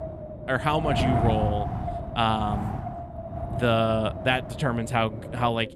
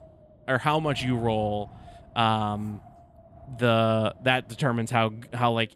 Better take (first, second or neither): second